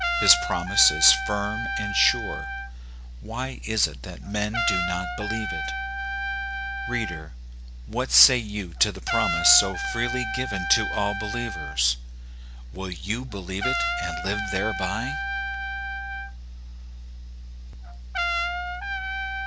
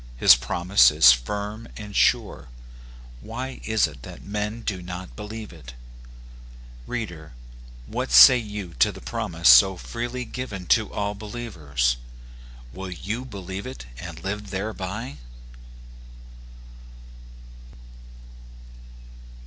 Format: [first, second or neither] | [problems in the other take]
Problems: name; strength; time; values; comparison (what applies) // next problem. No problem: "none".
second | background sound (Trumpet); 4 dB below the speech